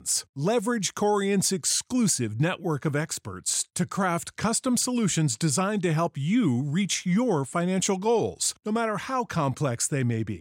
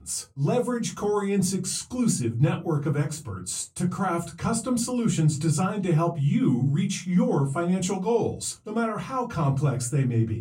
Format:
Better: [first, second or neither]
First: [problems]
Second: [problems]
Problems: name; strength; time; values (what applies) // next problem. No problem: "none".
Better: first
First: none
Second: off-mic speech; far // room echo; very slight; dies away in 0.3 s